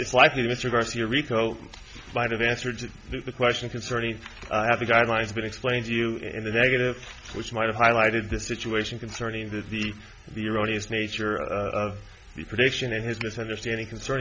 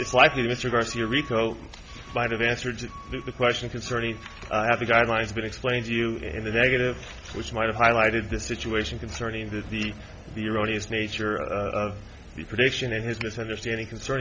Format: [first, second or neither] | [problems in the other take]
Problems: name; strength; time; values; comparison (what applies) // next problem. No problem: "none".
first | background sound (Alarm / Truck); 17 dB below the speech